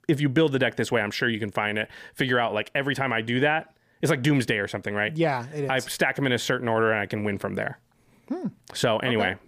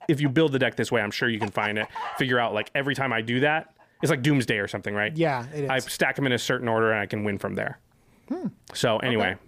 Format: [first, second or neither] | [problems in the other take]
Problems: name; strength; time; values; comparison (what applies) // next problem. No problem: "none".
first | animal sounds; noticeable; throughout; 15 dB below the speech